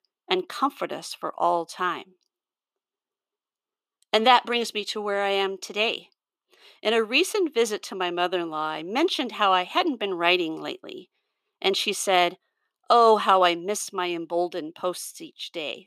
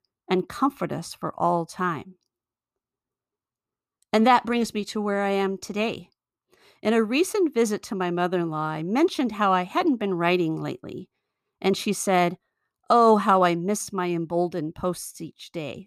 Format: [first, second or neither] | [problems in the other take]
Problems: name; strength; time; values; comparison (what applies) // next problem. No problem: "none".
second | thin; somewhat; fading below 450 Hz